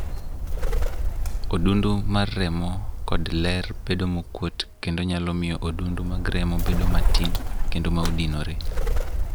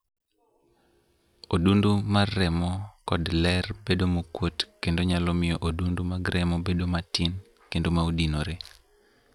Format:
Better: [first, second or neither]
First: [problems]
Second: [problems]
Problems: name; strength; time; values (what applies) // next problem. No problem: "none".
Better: second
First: background sound (Bird); 3 dB above the speech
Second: none